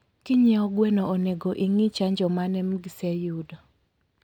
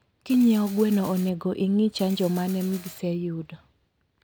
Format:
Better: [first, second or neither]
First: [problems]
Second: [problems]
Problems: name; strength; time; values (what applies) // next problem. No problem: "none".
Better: first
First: none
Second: background sound (Mechanisms); 19 dB below the speech